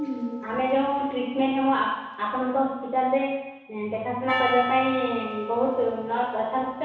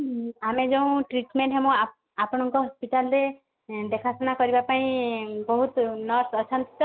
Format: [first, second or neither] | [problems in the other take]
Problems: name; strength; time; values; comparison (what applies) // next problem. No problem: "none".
second | background sound (Percussion); 11 dB below the speech // room echo; dies away in 1.1 s